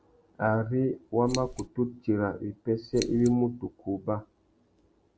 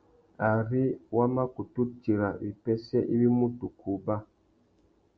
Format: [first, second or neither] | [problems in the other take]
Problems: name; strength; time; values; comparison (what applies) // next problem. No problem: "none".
second | background sound (Scissors); 10 dB below the speech